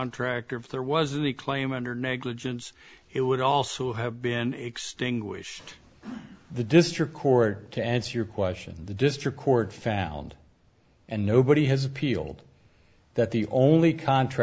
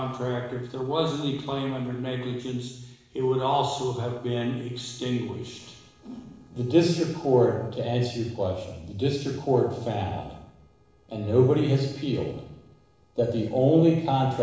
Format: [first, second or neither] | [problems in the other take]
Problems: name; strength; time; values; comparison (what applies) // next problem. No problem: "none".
first | noise reduction (neural separator model SepFormer DNS4)